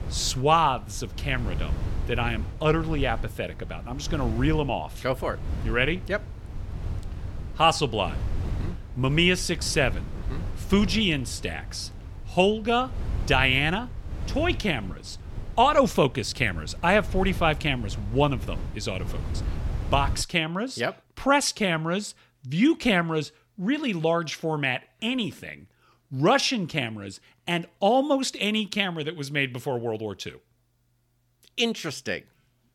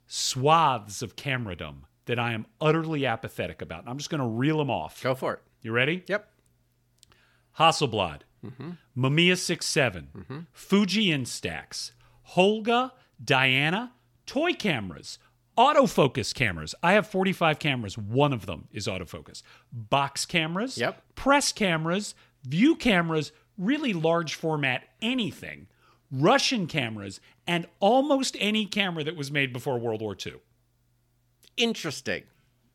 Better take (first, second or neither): second